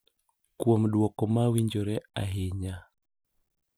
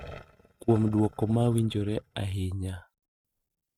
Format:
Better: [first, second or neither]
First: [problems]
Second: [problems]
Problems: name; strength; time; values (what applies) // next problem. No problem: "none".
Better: first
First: none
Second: noise reduction (neural mask model RNNoise)